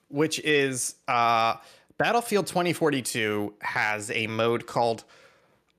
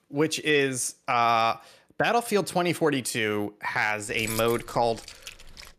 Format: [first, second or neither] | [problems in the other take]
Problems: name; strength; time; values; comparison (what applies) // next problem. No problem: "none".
first | jangling keys; noticeable; from 4 s on; peak 8 dB below the speech